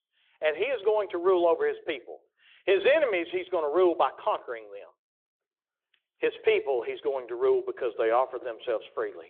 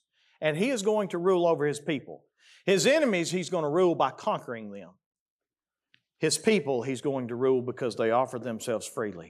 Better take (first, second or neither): second